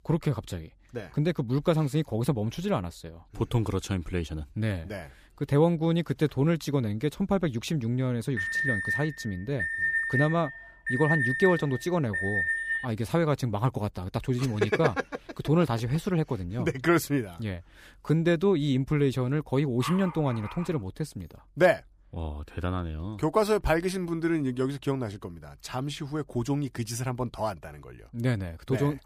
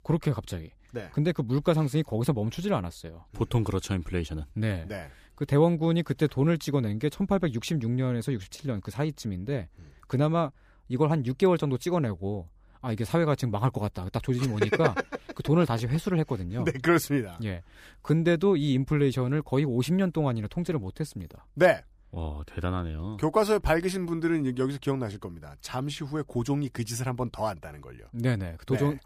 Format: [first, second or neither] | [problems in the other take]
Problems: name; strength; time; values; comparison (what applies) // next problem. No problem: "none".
second | alarm; loud; from 8.5 to 13 s; peak 3 dB above the speech // dog barking; noticeable; at 20 s; peak 9 dB below the speech